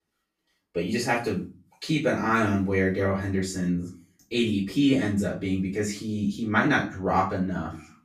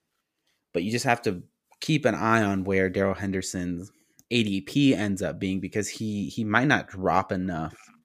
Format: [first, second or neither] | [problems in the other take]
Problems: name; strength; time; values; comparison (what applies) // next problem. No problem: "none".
second | off-mic speech; far // room echo; slight; dies away in 0.3 s